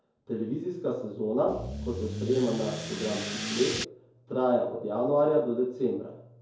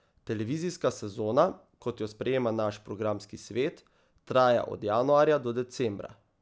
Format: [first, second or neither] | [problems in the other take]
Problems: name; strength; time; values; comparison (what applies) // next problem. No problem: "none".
second | background sound (Accelerating, revving, vroom / Car); 5 dB below the speech // room echo; dies away in 2.2 s